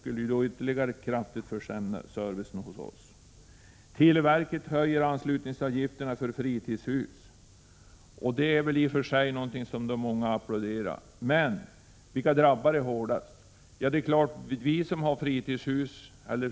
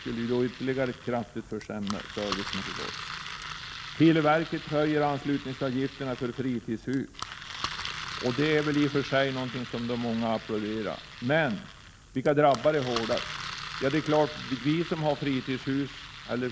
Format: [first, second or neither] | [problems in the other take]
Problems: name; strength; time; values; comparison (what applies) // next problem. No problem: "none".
first | background sound (Engine); 11 dB below the speech